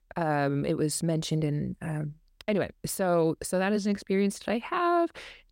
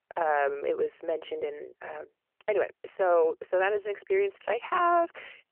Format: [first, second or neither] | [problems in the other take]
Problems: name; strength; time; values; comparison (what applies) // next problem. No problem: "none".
first | phone-call audio; nothing above 3 kHz